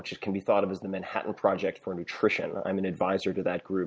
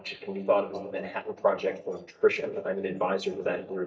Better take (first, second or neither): first